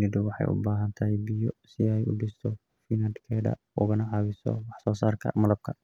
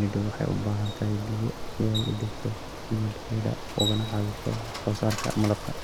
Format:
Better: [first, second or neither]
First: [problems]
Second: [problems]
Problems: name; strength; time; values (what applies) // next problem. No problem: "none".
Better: first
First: none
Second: background sound (Bicycle); 7 dB below the speech